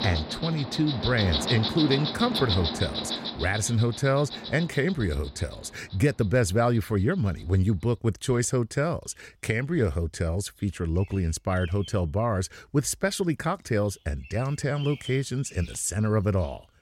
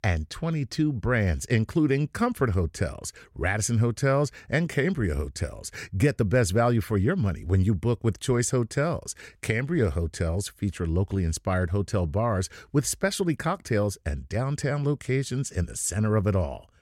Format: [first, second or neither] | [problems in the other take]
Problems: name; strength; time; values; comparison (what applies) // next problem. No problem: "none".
second | animal sounds; loud; throughout; 5 dB below the speech